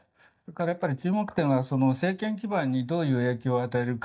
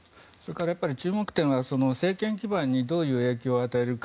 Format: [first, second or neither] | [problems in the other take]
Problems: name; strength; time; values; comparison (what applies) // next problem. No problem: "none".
second | noise reduction (neural mask model DeepFilterNet 3)